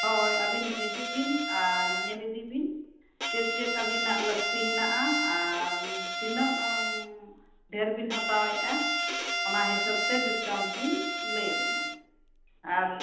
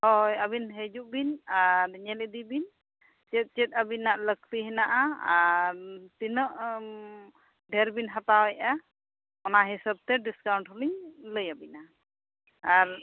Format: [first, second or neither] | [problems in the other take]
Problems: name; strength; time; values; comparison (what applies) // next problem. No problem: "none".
second | background sound (Bowed string instrument); 1 dB above the speech // room echo; dies away in 0.9 s